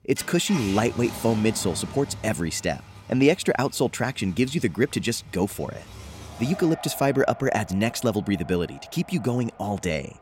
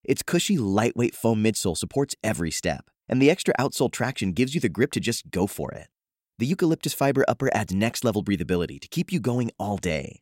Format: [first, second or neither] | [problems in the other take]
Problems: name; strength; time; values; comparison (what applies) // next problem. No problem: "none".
second | traffic noise; noticeable; throughout; 15 dB below the speech